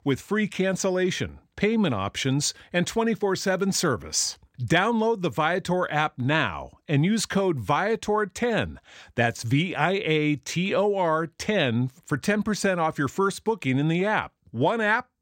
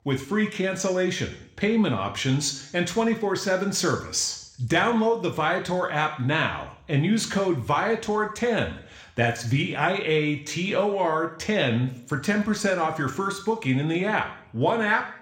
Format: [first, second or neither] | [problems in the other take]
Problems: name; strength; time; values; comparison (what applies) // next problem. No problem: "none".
first | room echo; very slight; dies away in 0.6 s